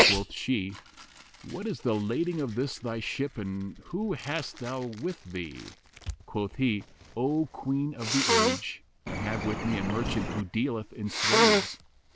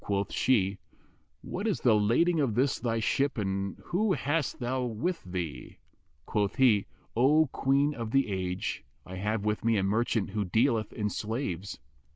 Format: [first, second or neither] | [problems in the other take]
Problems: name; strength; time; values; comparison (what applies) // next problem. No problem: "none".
second | background sound (Bird + Sneeze); as loud as the speech